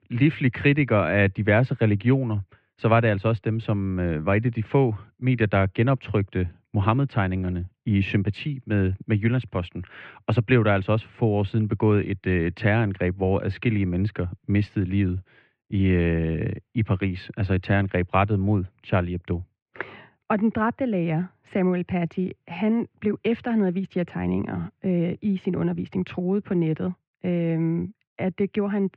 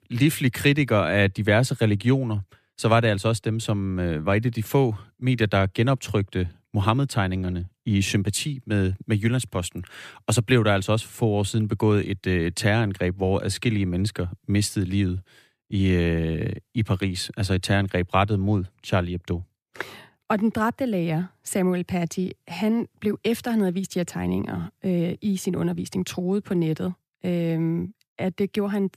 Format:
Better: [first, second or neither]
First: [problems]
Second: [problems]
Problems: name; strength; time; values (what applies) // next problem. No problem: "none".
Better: second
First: muffled; very; fading above 2.5 kHz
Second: none